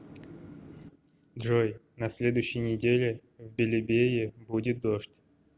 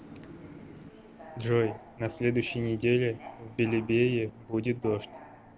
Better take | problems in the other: first | background sound (Subway, metro, underground); 18 dB below the speech

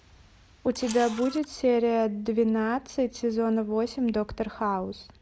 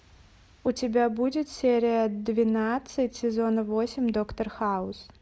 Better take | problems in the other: second | background sound (Camera); 18 dB below the speech

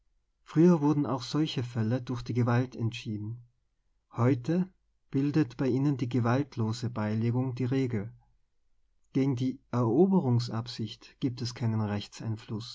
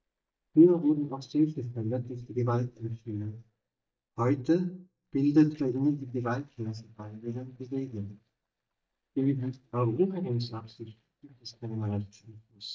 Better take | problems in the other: first | noise reduction (neural mask model DeepFilterNet 3)

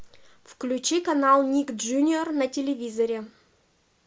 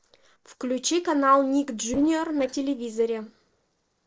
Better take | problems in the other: first | noise reduction (neural separator model SepFormer DNS4)

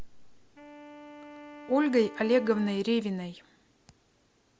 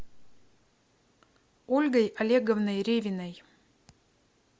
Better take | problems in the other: second | background sound (Wind instrument, woodwind instrument); 17 dB below the speech

